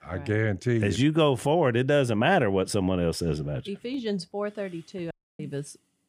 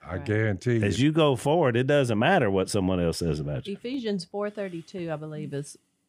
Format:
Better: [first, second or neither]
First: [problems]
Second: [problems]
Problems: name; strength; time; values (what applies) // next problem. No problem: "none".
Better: second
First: audio cutting out; at 5 s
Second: none